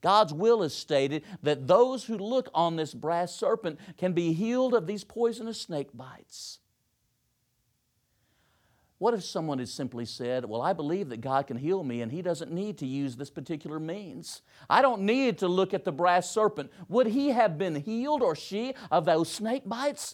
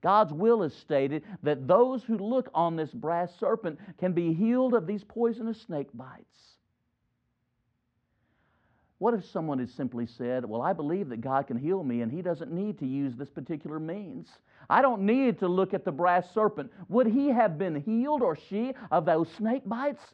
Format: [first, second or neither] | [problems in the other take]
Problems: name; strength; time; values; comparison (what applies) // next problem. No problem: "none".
first | muffled; very; fading above 2 kHz